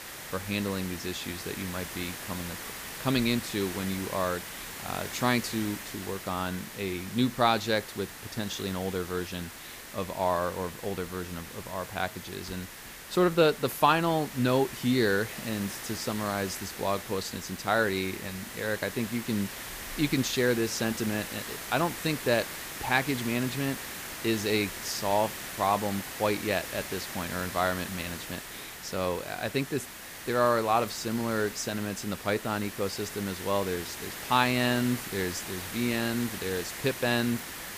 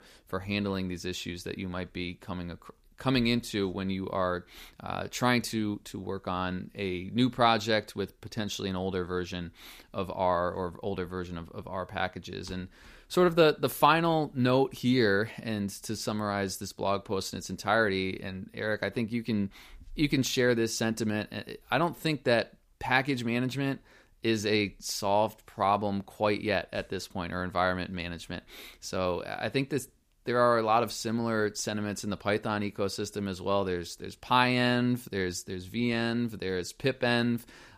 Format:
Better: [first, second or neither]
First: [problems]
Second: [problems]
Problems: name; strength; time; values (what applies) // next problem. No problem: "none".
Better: second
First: hiss; loud; throughout; 8 dB below the speech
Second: none